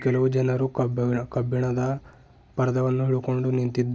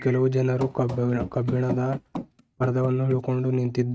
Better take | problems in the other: first | noise reduction (neural mask model RNNoise)

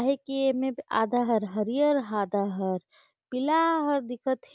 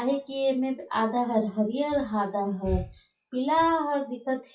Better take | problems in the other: first | noise reduction (classical method WPE with log-MMSE)

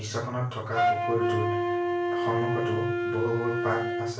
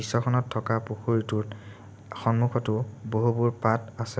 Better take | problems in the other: second | background sound (Wind instrument, woodwind instrument); 3 dB above the speech // room echo; dies away in 0.3 s

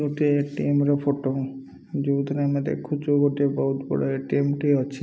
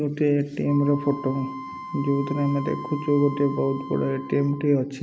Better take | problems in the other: first | background sound (Wind instrument, woodwind instrument); 14 dB below the speech

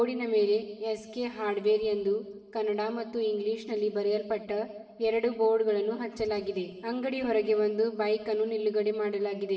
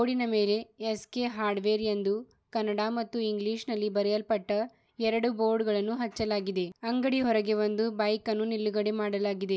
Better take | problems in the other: second | room echo; dies away in 1.9 s

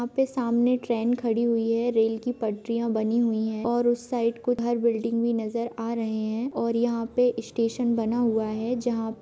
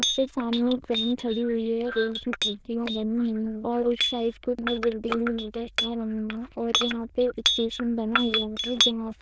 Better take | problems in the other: first | noise reduction (neural diffusion model UNIVERSE++)

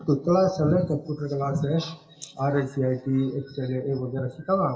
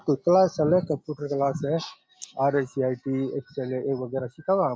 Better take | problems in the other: second | room echo; dies away in 1.4 s

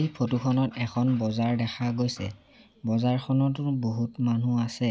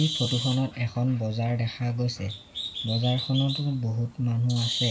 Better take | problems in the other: first | background sound (Bird); 9 dB below the speech // room echo; dies away in 0.2 s

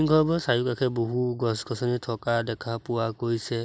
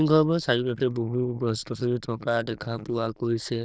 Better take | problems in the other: first | noise reduction (neural diffusion model UNIVERSE++)

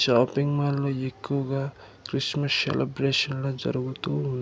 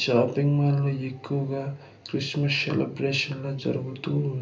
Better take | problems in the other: first | room echo; dies away in 0.3 s

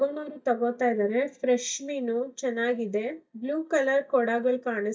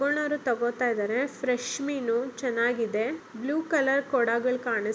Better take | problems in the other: second | noise reduction (neural mask model DeepFilterNet 3)

